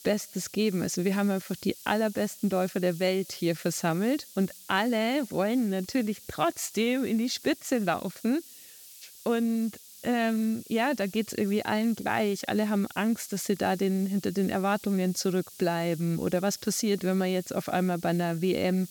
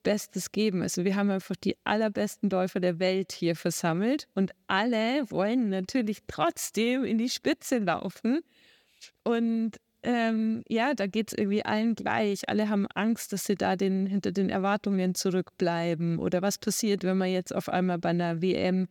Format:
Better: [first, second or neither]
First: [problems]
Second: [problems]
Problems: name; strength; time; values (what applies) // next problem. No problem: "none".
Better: second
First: hiss; noticeable; throughout; 20 dB below the speech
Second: none